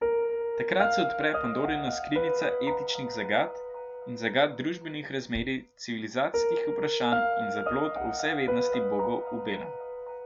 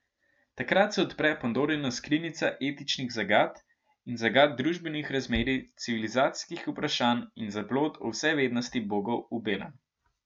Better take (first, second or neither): second